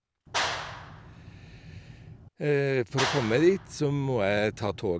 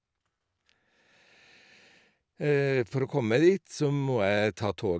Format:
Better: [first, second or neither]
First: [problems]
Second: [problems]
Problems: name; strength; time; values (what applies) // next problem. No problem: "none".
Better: second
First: background sound (Clapping); 8 dB below the speech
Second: none